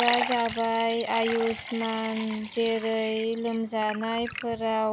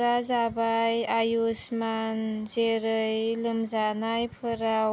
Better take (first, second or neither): second